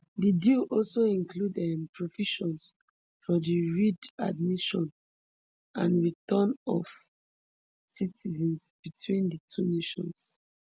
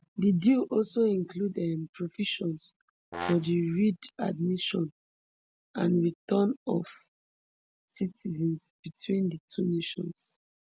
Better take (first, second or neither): first